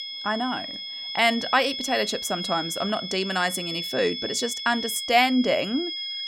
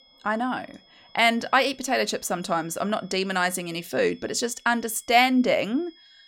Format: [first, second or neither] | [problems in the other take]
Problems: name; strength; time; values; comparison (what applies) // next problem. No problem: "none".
second | high-pitched whine; loud; throughout; 3.5 kHz, 6 dB below the speech; faint in the second